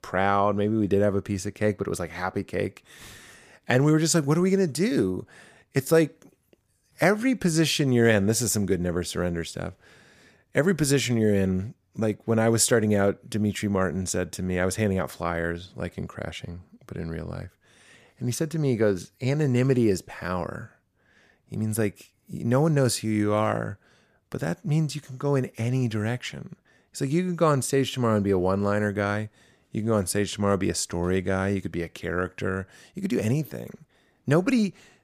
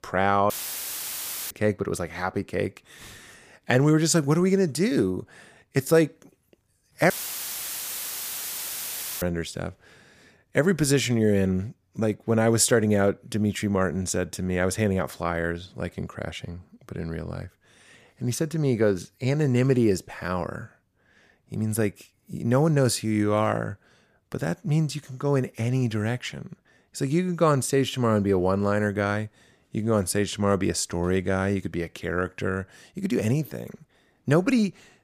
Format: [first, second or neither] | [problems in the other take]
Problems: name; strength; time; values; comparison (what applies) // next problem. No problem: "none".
first | audio cutting out; filled with static; at 0.5 s for 1 s and at 7 s for 2 s